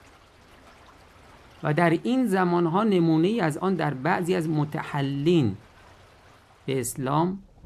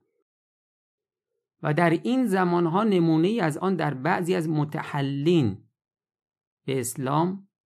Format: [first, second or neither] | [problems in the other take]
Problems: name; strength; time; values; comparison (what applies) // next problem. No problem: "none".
second | rain or running water; faint; throughout; 30 dB below the speech